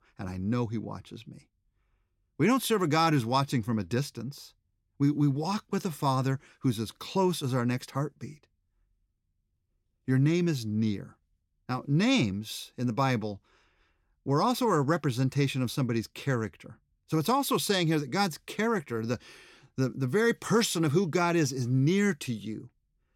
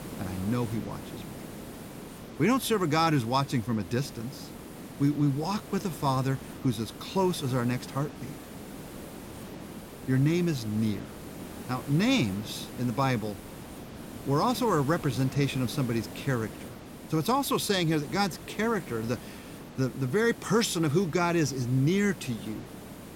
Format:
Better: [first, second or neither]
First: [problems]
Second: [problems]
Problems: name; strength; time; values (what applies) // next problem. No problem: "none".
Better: first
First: none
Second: hiss; noticeable; throughout; 15 dB below the speech